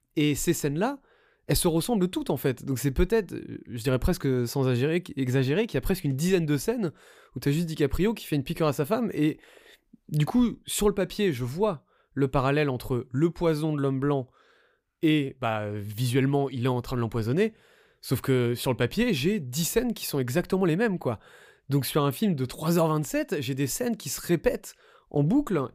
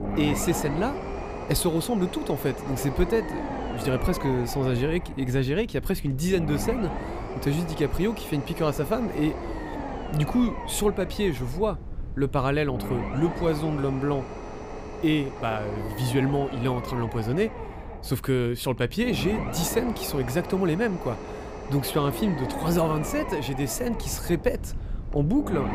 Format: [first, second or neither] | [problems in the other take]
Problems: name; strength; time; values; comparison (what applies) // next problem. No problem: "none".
first | low rumble; loud; throughout; 6 dB below the speech